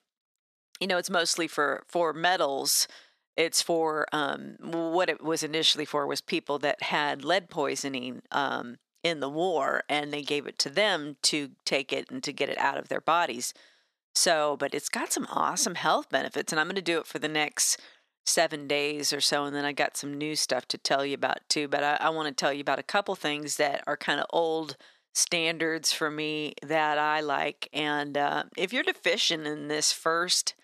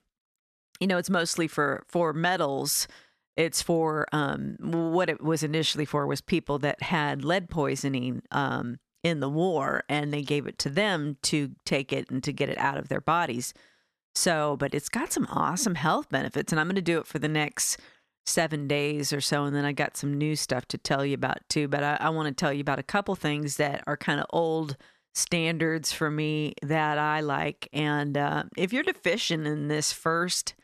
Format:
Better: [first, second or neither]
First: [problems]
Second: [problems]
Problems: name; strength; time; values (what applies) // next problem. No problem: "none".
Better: second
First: thin; somewhat; fading below 300 Hz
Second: none